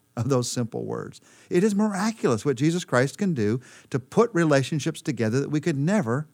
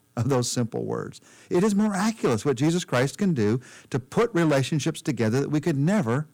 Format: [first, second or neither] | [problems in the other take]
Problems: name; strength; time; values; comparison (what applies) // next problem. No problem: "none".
first | distortion; slight; 6% of the sound clipped